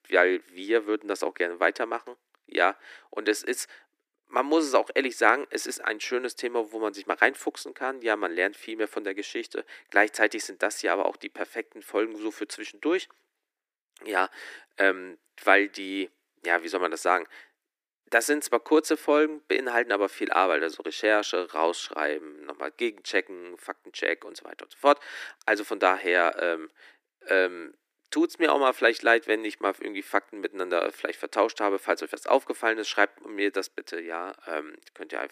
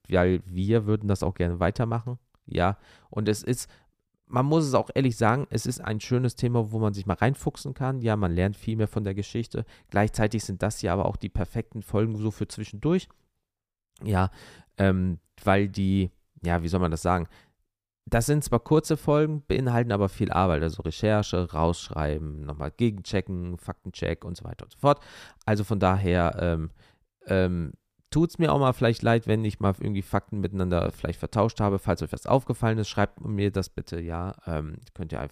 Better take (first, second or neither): second